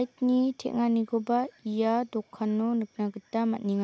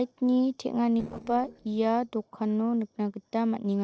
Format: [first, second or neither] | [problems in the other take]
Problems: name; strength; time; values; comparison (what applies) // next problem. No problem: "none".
first | noise reduction (neural separator model SepFormer DNS4)